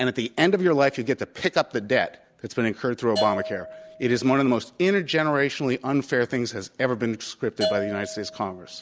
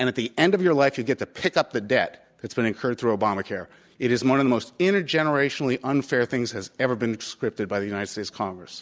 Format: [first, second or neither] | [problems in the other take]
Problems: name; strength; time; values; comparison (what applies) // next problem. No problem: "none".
second | background sound (Bell / Percussion); 12 dB below the speech